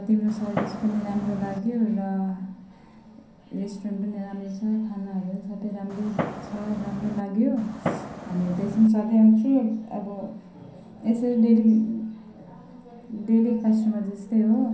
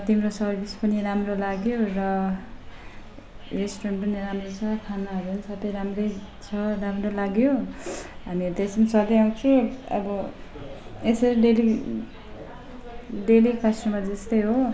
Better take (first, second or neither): second